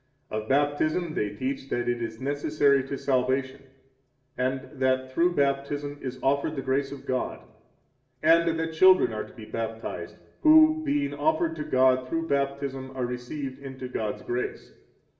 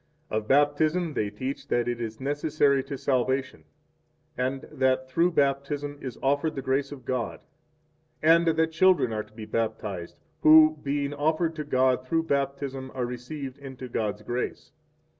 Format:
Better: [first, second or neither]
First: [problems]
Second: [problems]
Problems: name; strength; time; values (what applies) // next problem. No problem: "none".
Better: second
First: room echo; dies away in 0.7 s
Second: none